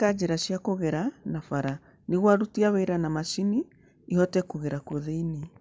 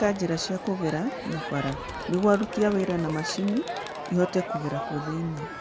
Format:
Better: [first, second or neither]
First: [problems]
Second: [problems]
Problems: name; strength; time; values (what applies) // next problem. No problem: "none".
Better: first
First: none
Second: background sound (Crowd); 8 dB below the speech